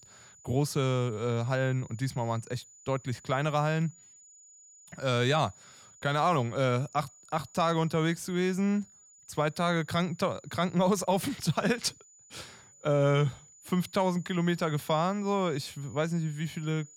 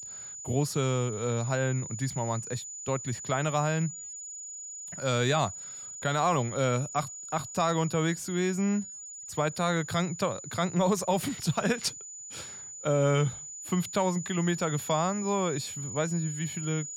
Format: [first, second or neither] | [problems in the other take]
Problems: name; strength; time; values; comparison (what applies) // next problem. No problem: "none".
first | high-pitched whine; loud; throughout; 7 kHz, 9 dB below the speech; faint in the first